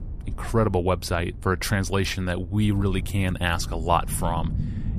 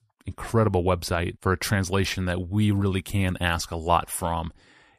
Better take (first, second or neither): second